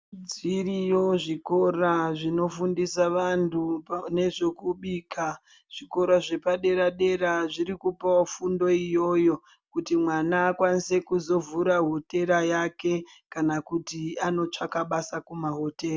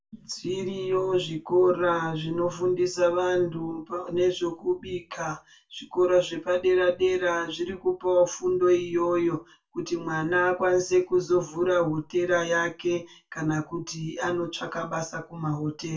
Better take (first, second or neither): first